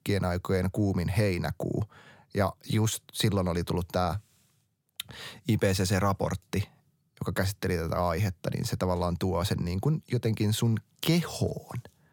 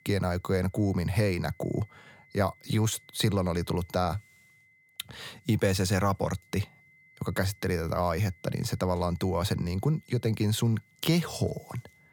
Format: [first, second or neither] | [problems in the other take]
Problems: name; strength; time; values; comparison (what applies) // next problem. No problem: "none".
first | high-pitched whine; faint; throughout; 2 kHz, 30 dB below the speech